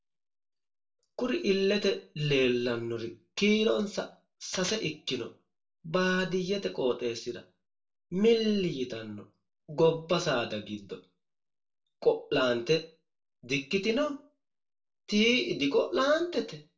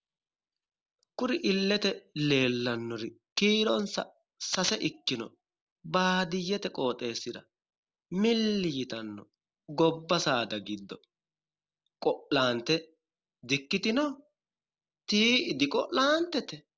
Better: second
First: room echo; dies away in 0.3 s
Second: none

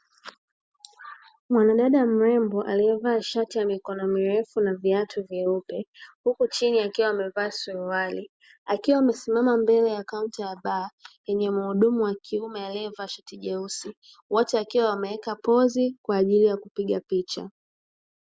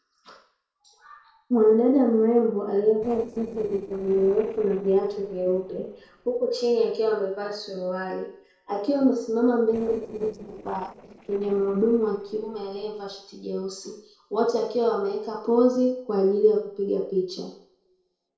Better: first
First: none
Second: noise reduction (neural separator model SepFormer DNS4)

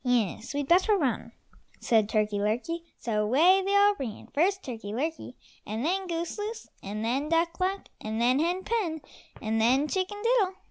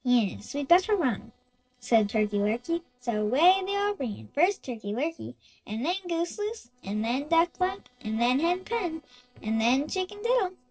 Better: first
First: none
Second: noise reduction (neural separator model SepFormer DNS4)

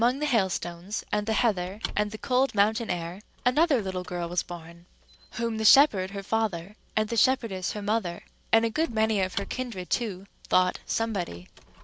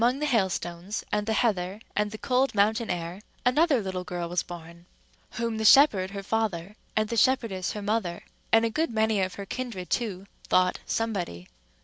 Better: second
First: background sound (Squeak / Wood); 19 dB below the speech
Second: none

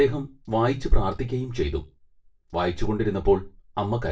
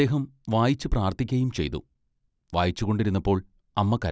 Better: second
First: room echo; dies away in 0.2 s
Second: none

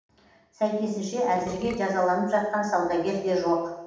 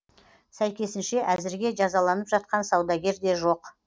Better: second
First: background sound (Burping, eructation); 13 dB below the speech // room echo; dies away in 0.8 s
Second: none

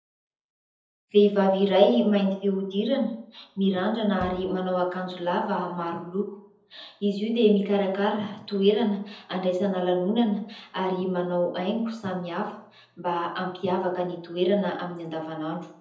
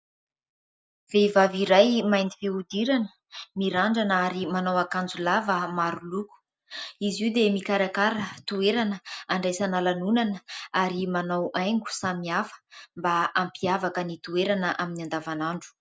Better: second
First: background sound (Bass drum); 20 dB below the speech // room echo; dies away in 0.7 s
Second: none

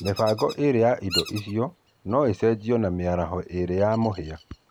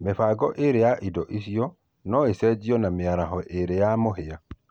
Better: second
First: background sound (Bird vocalization, bird call, bird song); 15 dB below the speech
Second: none

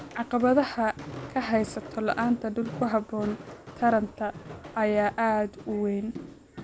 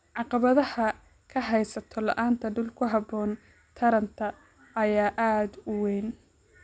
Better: second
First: background sound (Walk, footsteps); 15 dB below the speech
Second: none

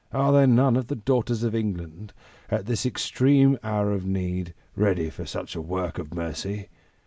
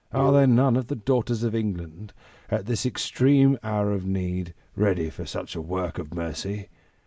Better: first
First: none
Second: noise reduction (neural mask model Resemble Enhance denoiser)

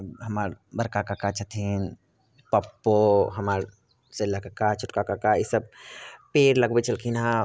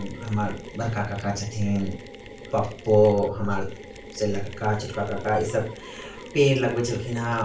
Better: first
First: none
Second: background sound (Mechanisms); 16 dB below the speech // room echo; dies away in 0.3 s

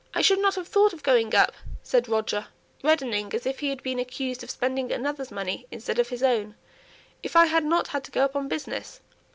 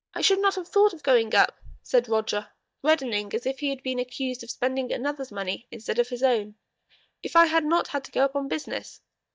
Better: first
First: none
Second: noise reduction (neural mask model DeepFilterNet 3)

